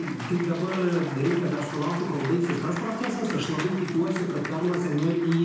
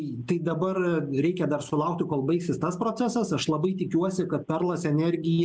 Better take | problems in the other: second | background sound (Applause / Cheering); 12 dB below the speech // room echo; dies away in 0.9 s

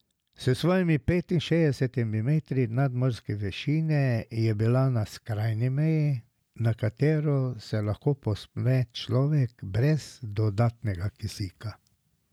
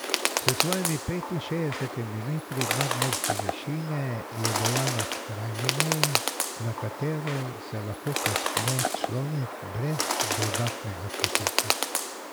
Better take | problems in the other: first | background sound (Bird); 2 dB above the speech

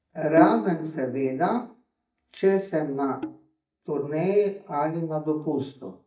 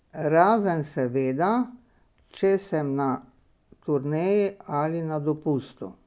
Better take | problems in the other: second | noise reduction (neural mask model DeepFilterNet 3)

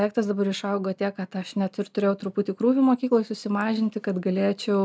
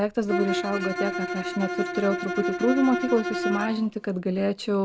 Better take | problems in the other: first | background sound (Bowed string instrument); 4 dB below the speech

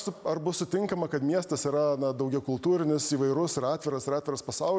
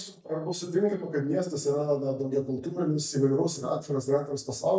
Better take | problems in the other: first | noise reduction (neural mask model DeepFilterNet 3)

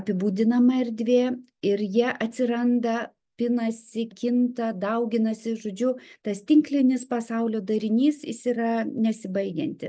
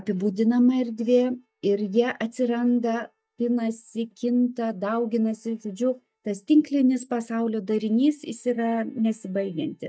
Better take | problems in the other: first | noise reduction (neural mask model DeepFilterNet 3)

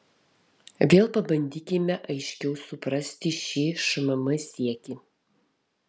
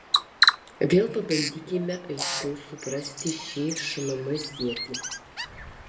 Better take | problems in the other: first | background sound (Bird vocalization, bird call, bird song); 1 dB below the speech // room echo; dies away in 1.1 s

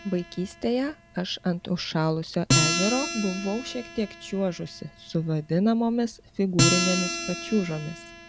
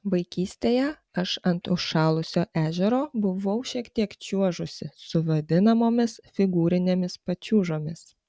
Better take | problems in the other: second | background sound (Acoustic guitar); 3 dB below the speech

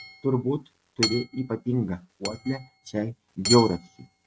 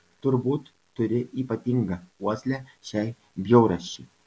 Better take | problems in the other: second | noise reduction (neural mask model RNNoise)

